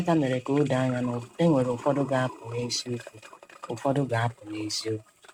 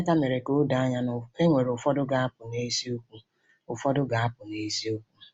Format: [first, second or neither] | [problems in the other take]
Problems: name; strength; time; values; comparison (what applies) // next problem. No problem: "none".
second | noise reduction (neural mask model RNNoise)